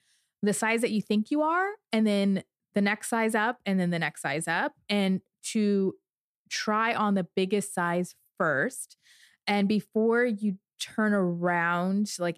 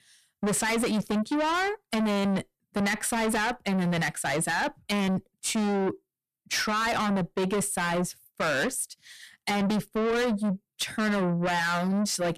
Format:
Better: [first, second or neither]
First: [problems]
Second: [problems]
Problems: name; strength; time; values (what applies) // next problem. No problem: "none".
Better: first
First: none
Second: distortion; heavy; 5 dB below the speech